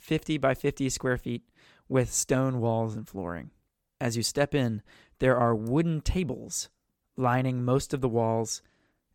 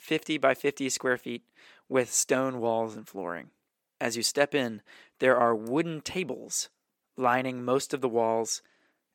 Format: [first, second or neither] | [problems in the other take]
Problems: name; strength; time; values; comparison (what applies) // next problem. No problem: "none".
first | thin; somewhat; fading below 300 Hz